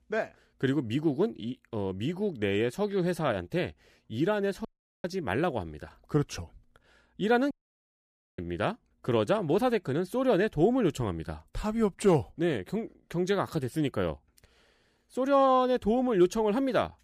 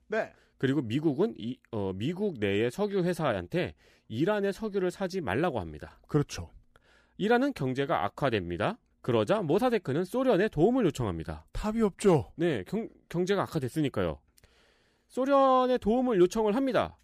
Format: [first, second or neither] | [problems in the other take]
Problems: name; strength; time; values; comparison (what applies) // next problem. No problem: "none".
second | audio cutting out; at 4.5 s and at 7.5 s for 1 s